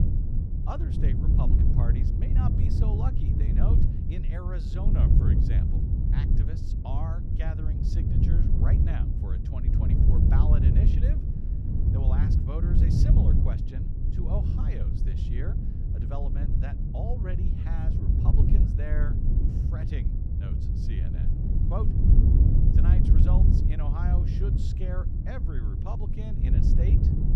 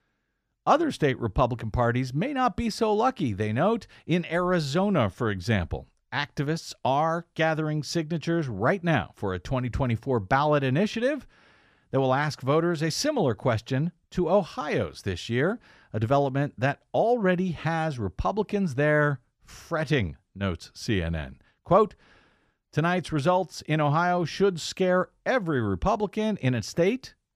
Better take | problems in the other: second | wind noise on the microphone; heavy; 3 dB above the speech

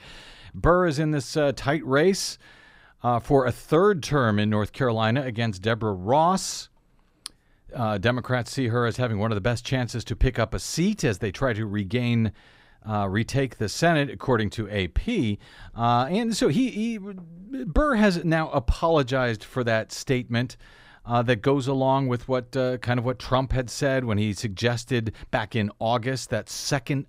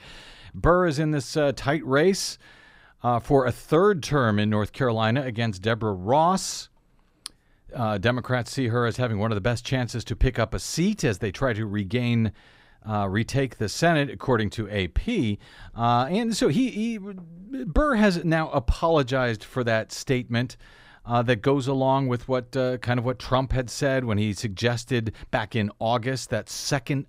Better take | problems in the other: neither | none

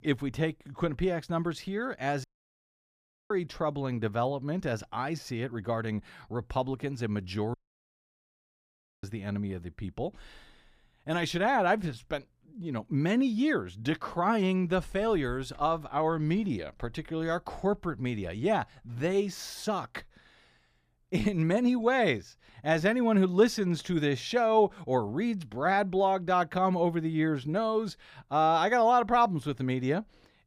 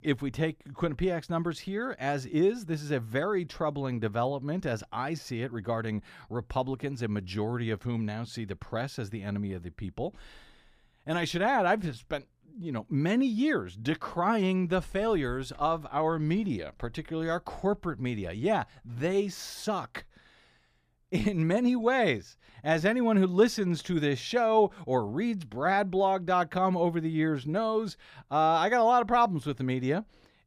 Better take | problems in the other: second | audio cutting out; at 2 s for 1 s and at 7.5 s for 1.5 s

